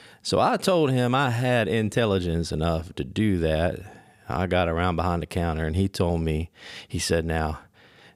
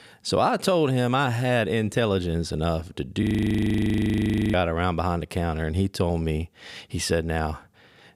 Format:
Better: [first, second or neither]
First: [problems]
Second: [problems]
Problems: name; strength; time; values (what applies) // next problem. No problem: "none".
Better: first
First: none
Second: audio freezing; at 3 s for 1.5 s